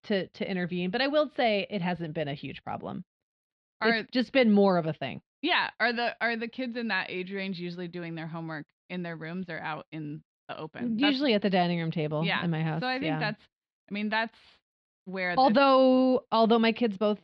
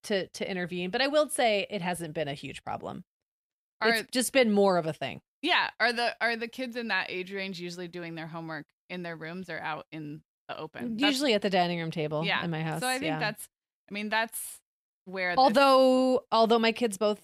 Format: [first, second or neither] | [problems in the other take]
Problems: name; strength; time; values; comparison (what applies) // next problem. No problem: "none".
second | muffled; very slightly; fading above 4 kHz